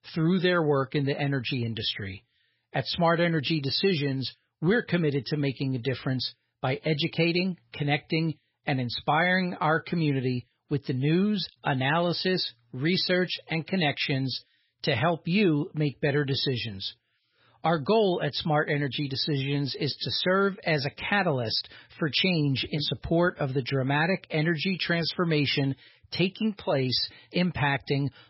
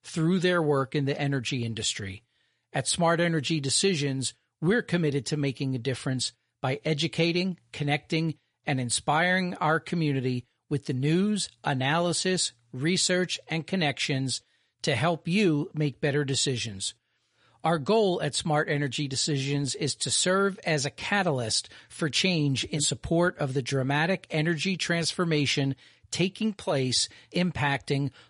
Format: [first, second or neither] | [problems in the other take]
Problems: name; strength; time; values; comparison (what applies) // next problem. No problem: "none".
second | garbled, watery; badly; nothing above 5.5 kHz; slightly in the second